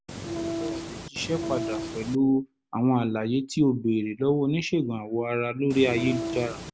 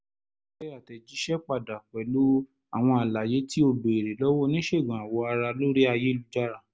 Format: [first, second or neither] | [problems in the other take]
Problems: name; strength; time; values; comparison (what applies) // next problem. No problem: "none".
second | background sound (Train); 6 dB below the speech